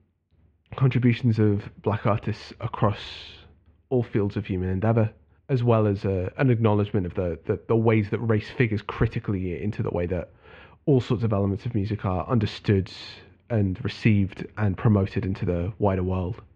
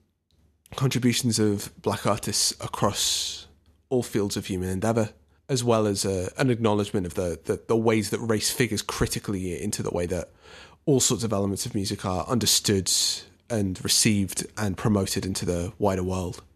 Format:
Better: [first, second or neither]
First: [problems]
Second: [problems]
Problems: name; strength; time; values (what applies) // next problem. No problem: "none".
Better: second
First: muffled; very; fading above 2.5 kHz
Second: none